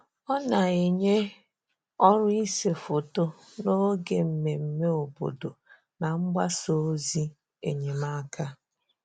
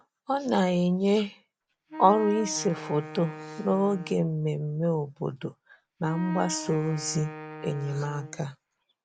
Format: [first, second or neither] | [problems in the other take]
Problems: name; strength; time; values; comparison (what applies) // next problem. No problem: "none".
first | background sound (Wind instrument, woodwind instrument); 12 dB below the speech